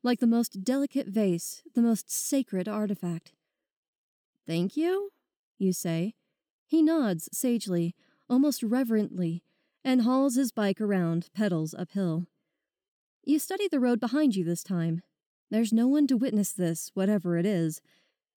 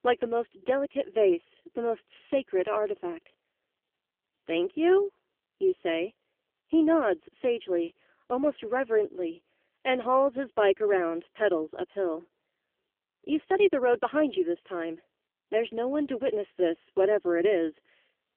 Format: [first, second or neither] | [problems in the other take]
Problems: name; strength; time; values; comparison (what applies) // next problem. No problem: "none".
first | phone-call audio; poor line; nothing above 3.5 kHz